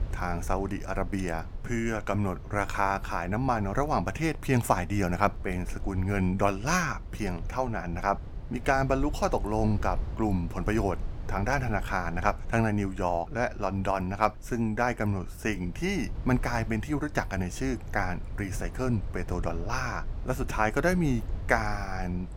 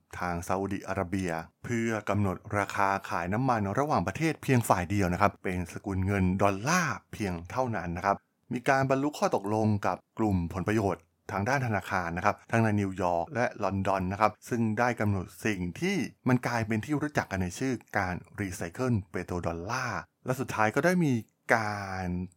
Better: second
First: low rumble; faint; throughout; 20 dB below the speech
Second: none

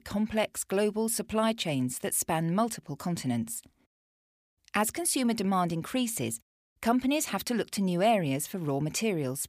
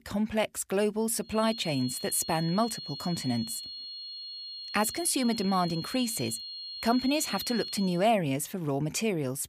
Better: first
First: none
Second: high-pitched whine; loud; from 1.5 to 8 s; 4.5 kHz, 9 dB below the speech

